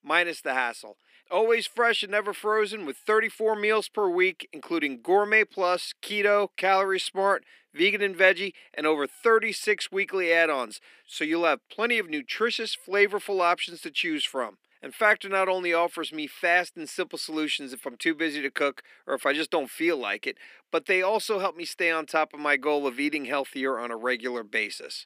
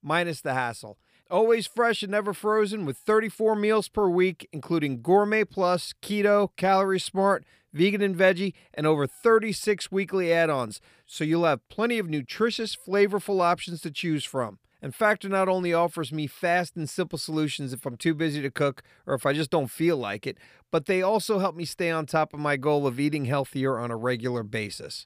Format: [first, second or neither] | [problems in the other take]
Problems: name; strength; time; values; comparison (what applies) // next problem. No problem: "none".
second | thin; somewhat; fading below 250 Hz